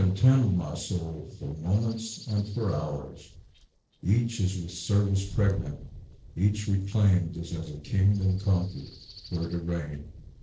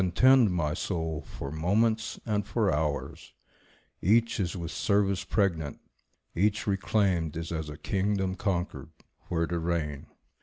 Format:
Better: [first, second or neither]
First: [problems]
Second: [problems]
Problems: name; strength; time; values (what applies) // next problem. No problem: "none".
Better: second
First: noise reduction (neural separator model SepFormer DNS4)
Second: none